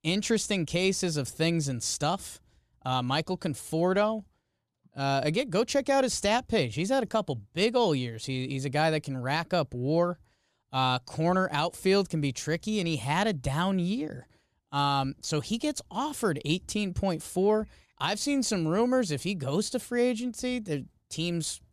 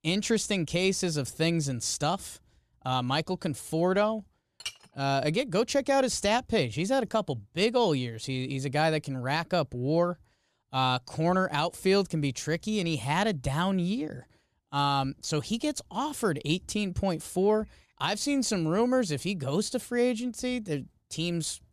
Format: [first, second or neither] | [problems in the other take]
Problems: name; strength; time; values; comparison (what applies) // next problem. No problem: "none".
first | clattering dishes; faint; at 4.5 s; peak 10 dB below the speech